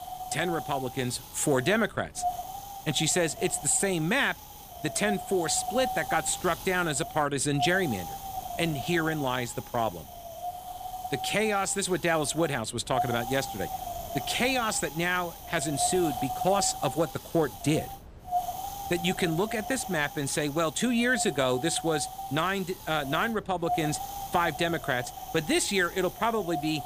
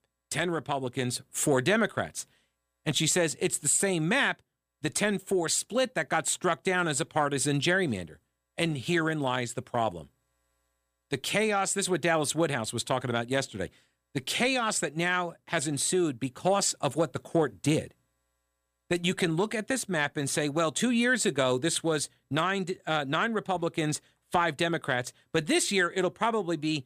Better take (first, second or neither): second